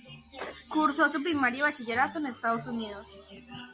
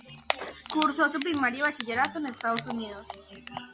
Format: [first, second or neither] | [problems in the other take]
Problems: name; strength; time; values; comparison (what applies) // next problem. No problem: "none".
first | background sound (Typing); 10 dB below the speech